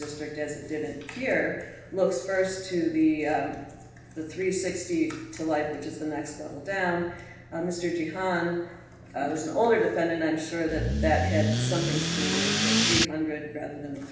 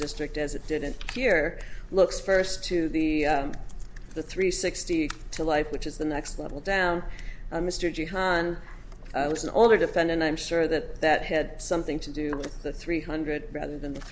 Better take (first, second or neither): second